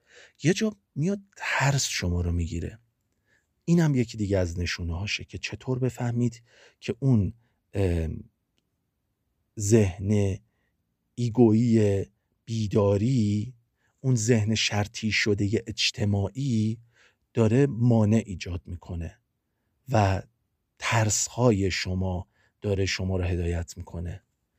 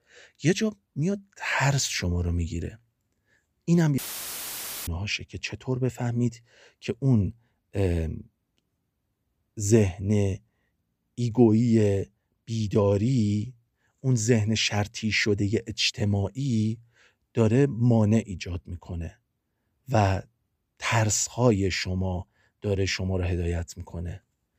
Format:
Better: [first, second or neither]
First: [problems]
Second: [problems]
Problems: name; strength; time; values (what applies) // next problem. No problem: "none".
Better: first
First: none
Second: audio cutting out; filled with static; at 4 s for 1 s